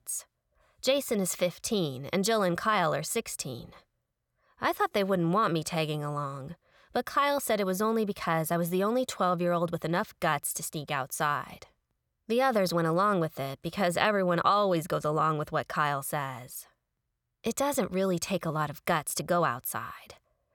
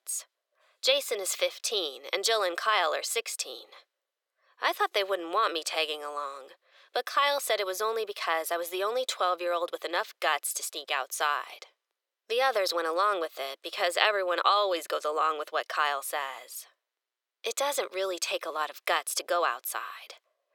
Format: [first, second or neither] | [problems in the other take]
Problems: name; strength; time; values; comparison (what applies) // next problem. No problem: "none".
first | thin; very; fading below 400 Hz